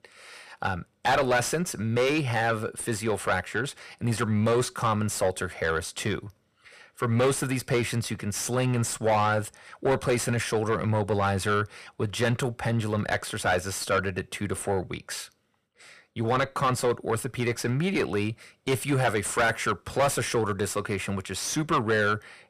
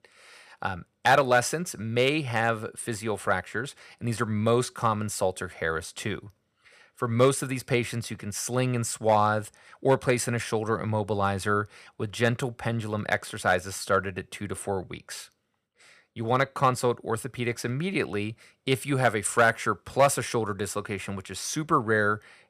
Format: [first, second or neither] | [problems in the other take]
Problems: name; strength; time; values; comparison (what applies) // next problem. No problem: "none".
second | distortion; heavy; 6 dB below the speech